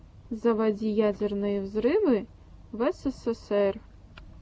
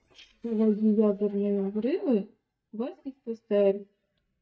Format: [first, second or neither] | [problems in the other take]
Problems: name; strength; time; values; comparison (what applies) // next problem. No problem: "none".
first | noise reduction (neural mask model DeepFilterNet 3)